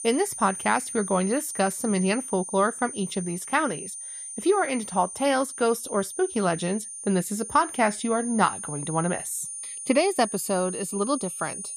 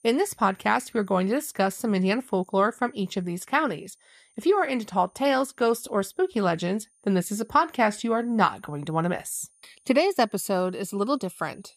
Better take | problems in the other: second | high-pitched whine; loud; throughout; 9 kHz, 8 dB below the speech; faint in the second

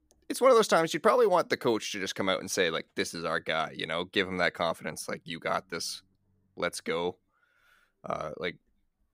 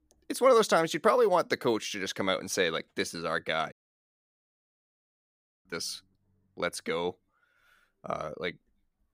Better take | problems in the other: first | audio cutting out; at 3.5 s for 2 s

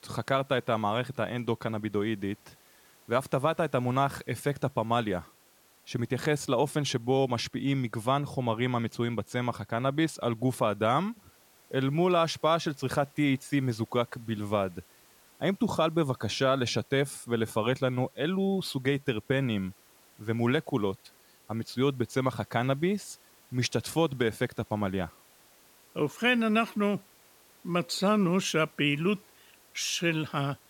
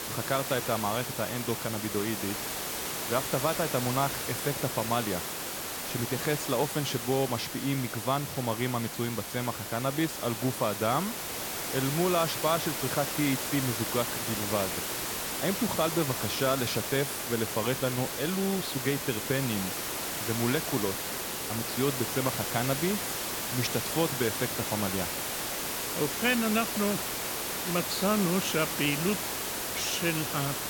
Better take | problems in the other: first | hiss; loud; throughout; 1 dB below the speech; faint in the first

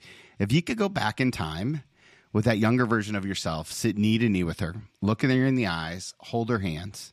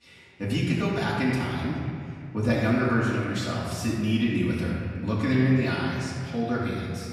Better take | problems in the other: first | off-mic speech; far // room echo; noticeable; dies away in 2.4 s

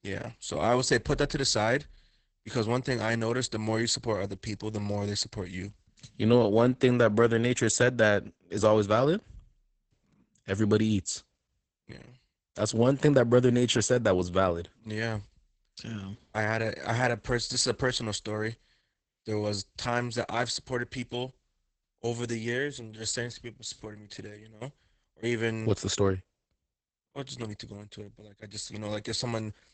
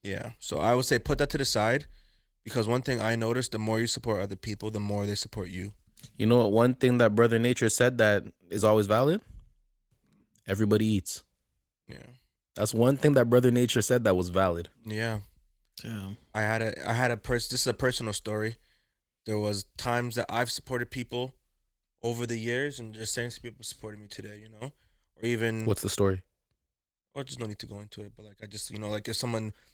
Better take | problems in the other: second | garbled, watery; badly; nothing above 8 kHz; slightly in the second

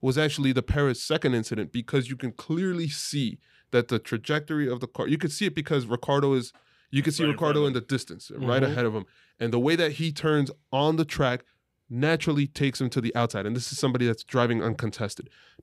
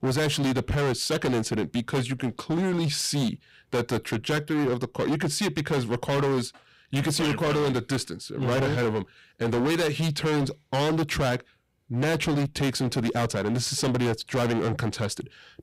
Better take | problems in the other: first | distortion; heavy; 23% of the sound clipped

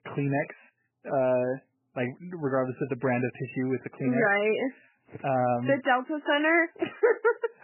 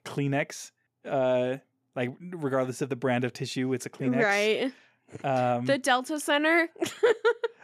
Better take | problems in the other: second | garbled, watery; badly; nothing above 3 kHz

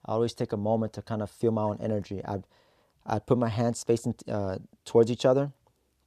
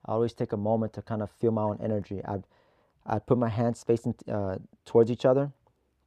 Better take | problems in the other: first | muffled; slightly; fading above 3 kHz

